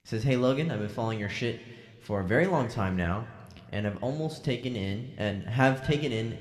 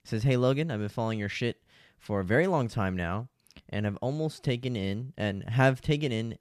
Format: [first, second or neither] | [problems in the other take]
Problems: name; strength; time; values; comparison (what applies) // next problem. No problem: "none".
second | room echo; very slight; dies away in 1.4 s